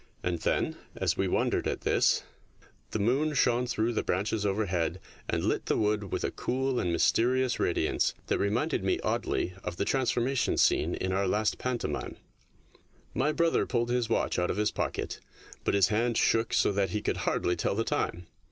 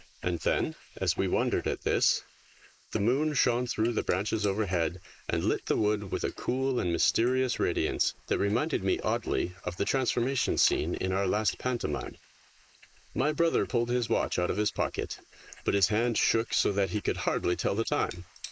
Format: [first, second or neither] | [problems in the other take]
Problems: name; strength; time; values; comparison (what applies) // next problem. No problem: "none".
first | noise reduction (neural mask model Resemble Enhance denoiser)